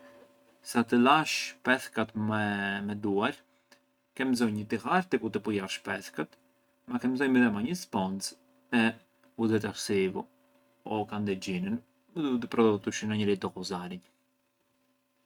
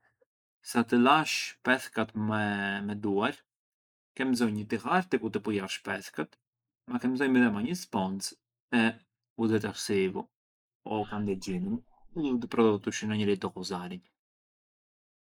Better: first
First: none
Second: noise reduction (neural mask model Resemble Enhance denoiser)

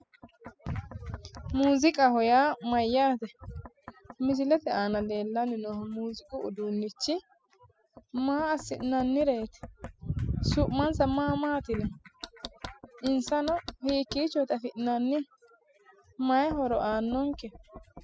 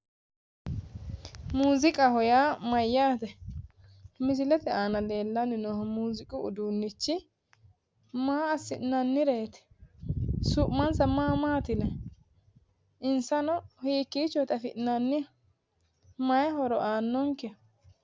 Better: second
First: noise reduction (classical method spectral subtraction)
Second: none

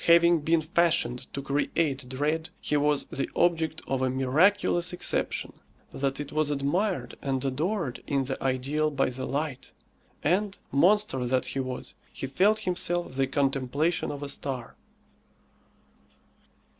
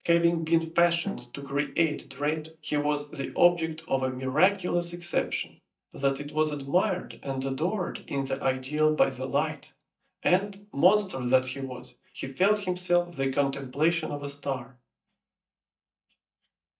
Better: first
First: none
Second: noise reduction (neural mask model DeepFilterNet 3)

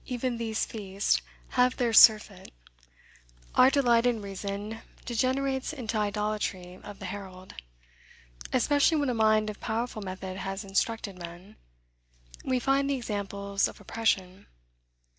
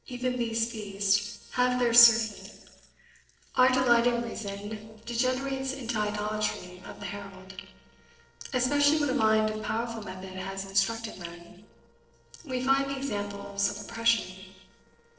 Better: first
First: none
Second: noise reduction (neural separator model SepFormer DNS4)

